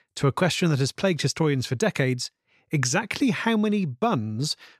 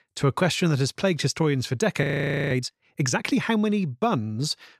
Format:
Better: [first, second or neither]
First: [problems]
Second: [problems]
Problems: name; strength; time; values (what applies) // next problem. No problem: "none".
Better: first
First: none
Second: audio freezing; at 2 s